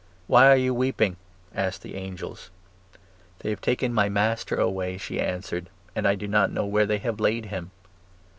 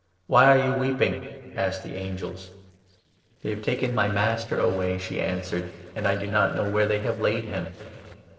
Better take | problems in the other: first | noise reduction (neural separator model SepFormer DNS4)

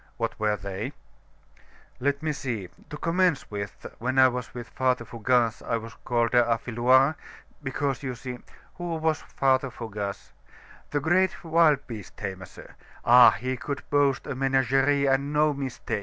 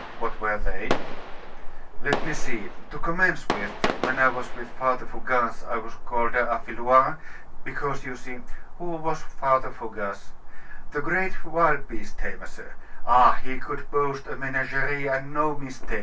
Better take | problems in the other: first | background sound (Fireworks); 15 dB below the speech // room echo; dies away in 0.2 s

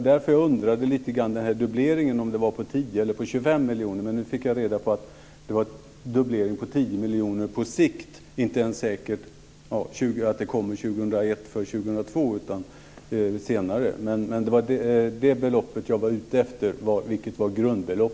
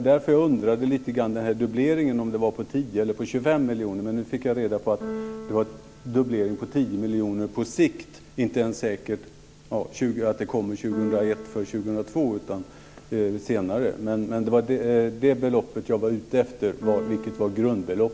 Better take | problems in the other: first | background sound (Keyboard (musical)); 18 dB below the speech

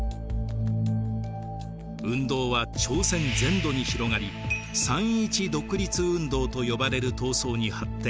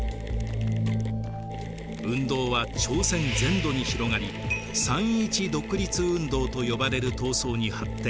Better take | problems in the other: first | background sound (Mechanisms); 15 dB below the speech

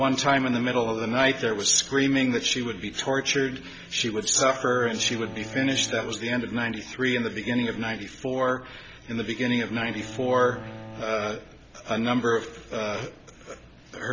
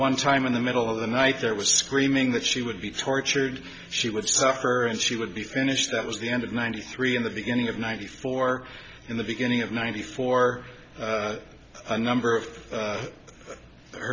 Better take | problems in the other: second | background sound (Bowed string instrument); 18 dB below the speech

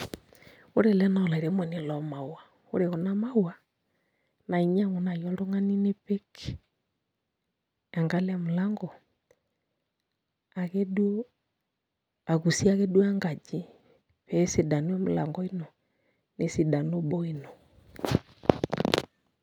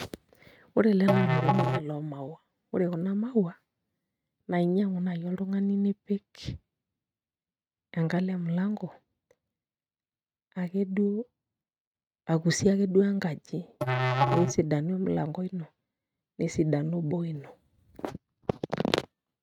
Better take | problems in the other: first | noise reduction (neural mask model RNNoise)

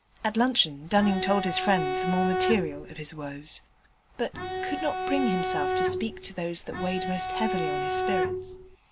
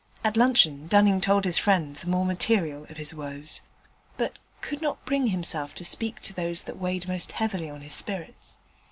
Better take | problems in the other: second | background sound (Bowed string instrument); as loud as the speech

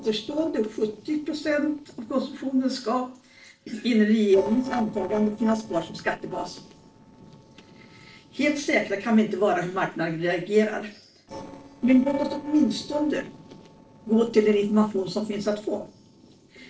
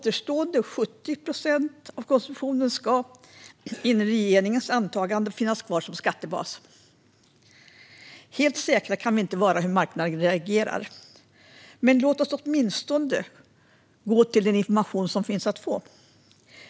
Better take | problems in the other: second | noise reduction (neural separator model SepFormer DNS4)

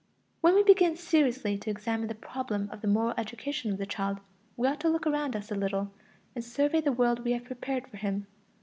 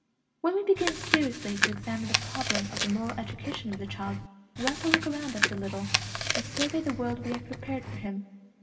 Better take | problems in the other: first | background sound (Chewing, mastication); as loud as the speech // room echo; dies away in 1.9 s

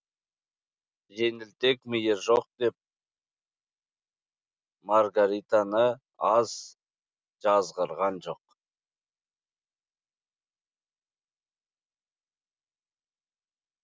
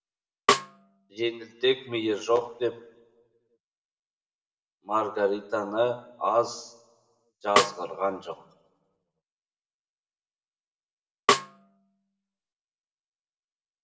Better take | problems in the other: first | background sound (Snare drum); 3 dB above the speech // room echo; dies away in 0.8 s

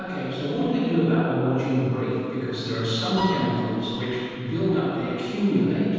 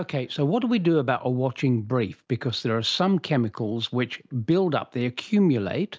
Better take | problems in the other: second | background sound (Piano); 16 dB below the speech // room echo; dies away in 2.1 s

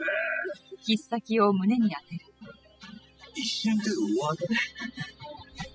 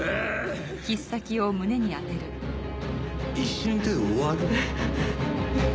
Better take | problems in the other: second | noise reduction (classical method spectral subtraction)

